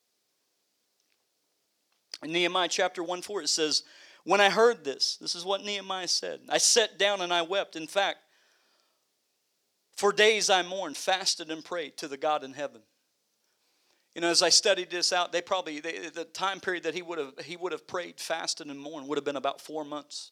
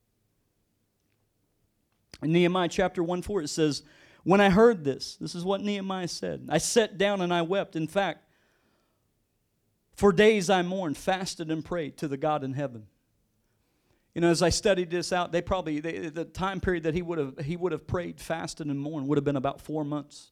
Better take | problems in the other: second | thin; somewhat; fading below 500 Hz

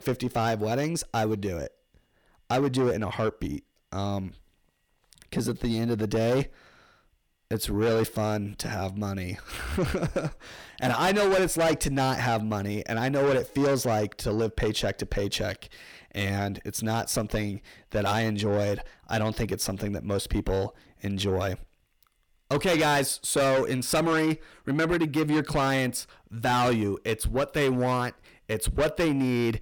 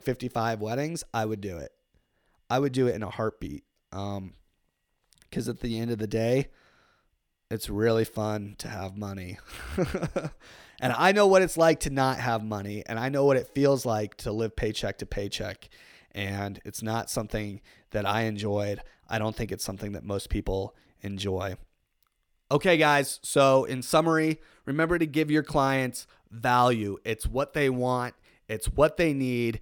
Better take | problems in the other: second | distortion; heavy; 7 dB below the speech

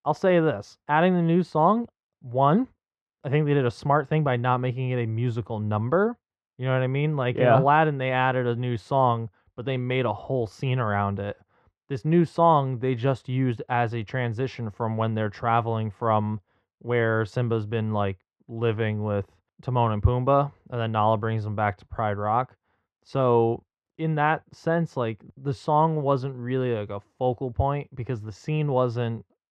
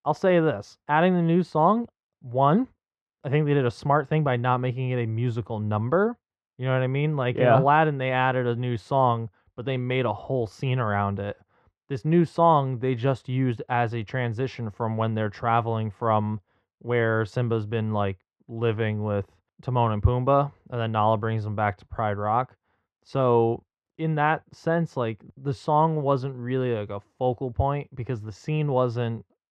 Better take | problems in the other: neither | muffled; very; fading above 1.5 kHz; the same in both

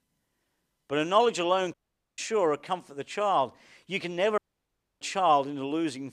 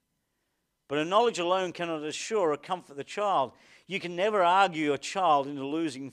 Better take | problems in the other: second | audio cutting out; at 1.5 s and at 4.5 s for 0.5 s

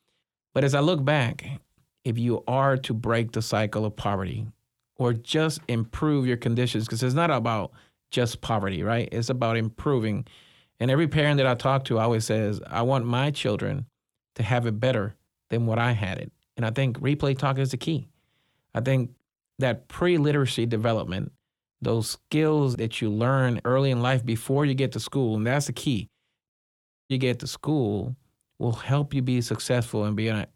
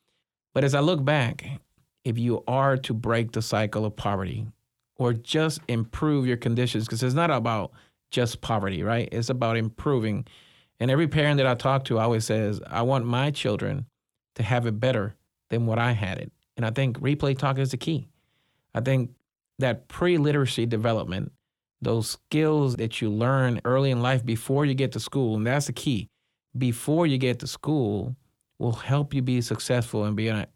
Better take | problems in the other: second | audio cutting out; at 27 s for 0.5 s

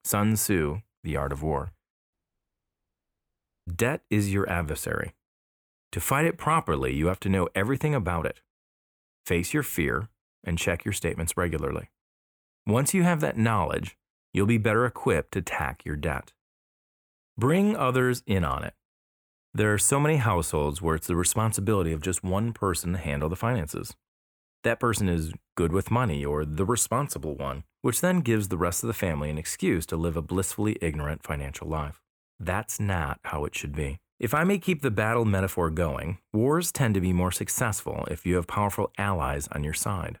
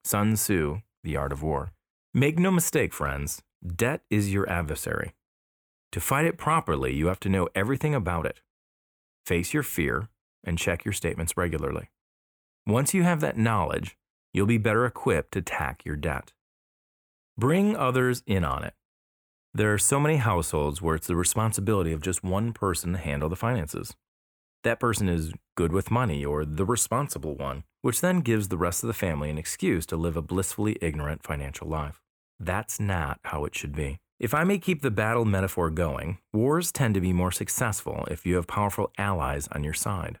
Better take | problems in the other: second | audio cutting out; at 2 s for 1.5 s

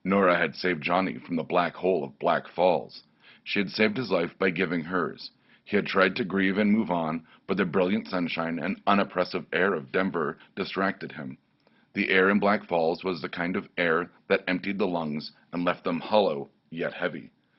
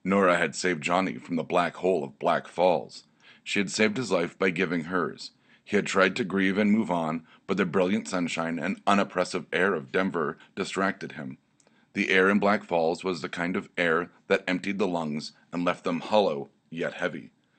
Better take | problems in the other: second | garbled, watery; badly; nothing above 5.5 kHz; slightly in the second

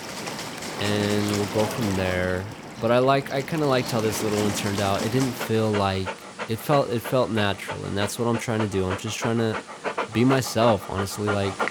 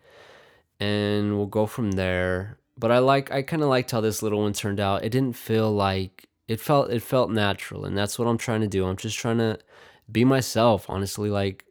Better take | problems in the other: second | animal sounds; loud; throughout; 7 dB below the speech

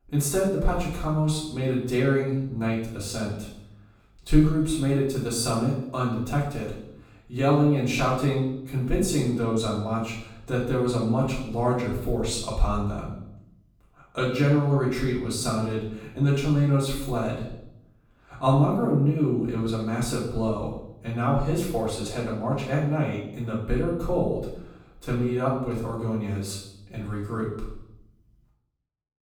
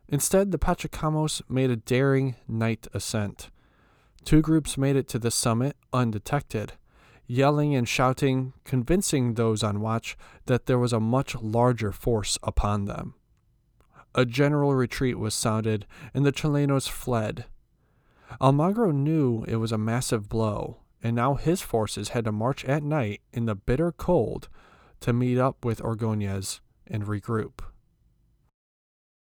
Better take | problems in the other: second | off-mic speech; far // room echo; noticeable; dies away in 0.7 s

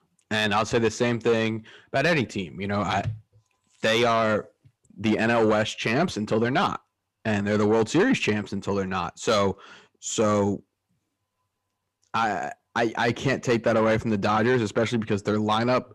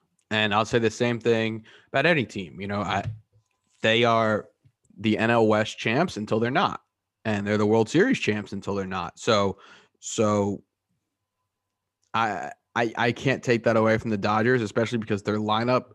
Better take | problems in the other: second | distortion; slight; 10 dB below the speech

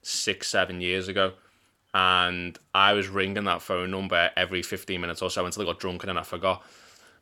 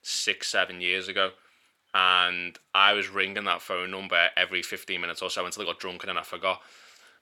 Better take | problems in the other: first | thin; somewhat; fading below 450 Hz

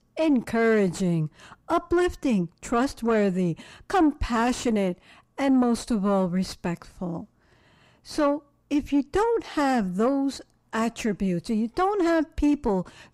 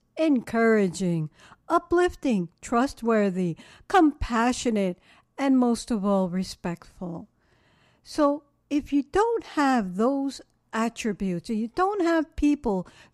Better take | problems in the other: second | distortion; slight; 10 dB below the speech

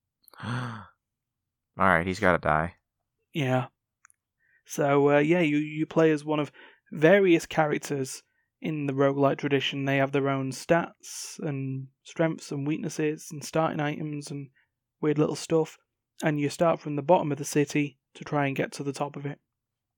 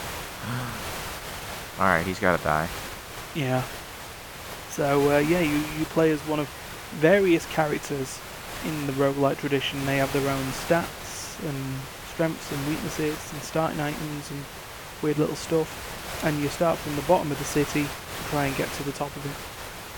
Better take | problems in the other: first | hiss; loud; throughout; 9 dB below the speech

